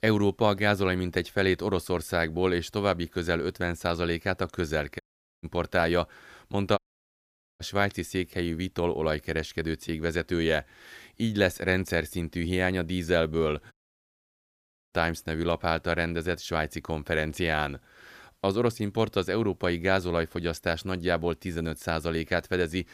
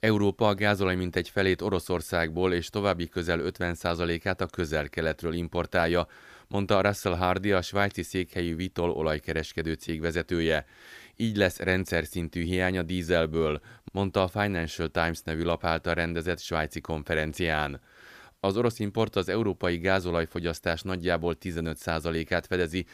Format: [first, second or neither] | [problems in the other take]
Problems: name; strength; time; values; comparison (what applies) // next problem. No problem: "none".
second | audio cutting out; at 5 s, at 7 s for 1 s and at 14 s for 1 s